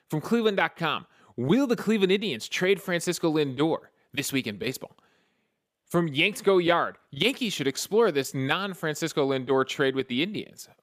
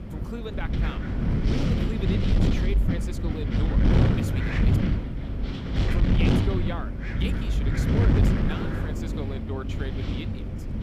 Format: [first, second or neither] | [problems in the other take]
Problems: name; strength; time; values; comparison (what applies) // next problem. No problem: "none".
first | wind noise on the microphone; heavy; 5 dB above the speech